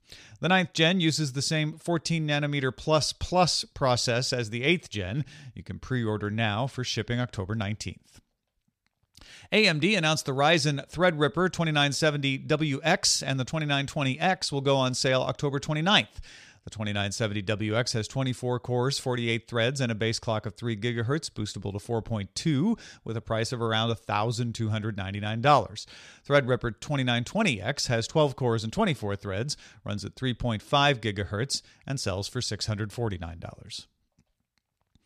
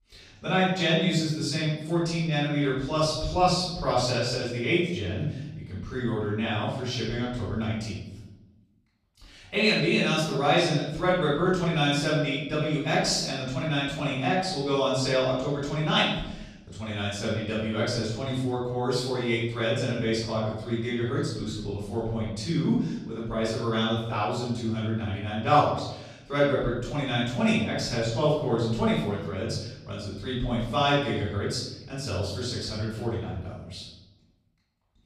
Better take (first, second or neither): first